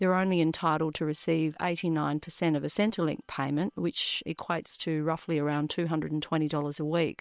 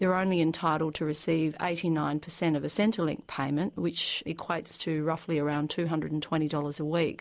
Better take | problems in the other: second | noise reduction (neural separator model SepFormer WHAM!)

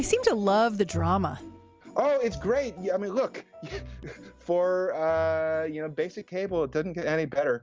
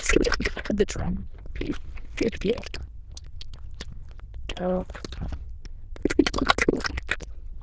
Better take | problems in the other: first | noise reduction (neural diffusion model UNIVERSE++)

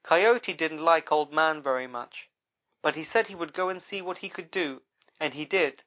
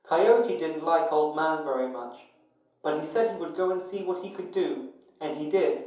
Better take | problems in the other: first | room echo; dies away in 2.8 s

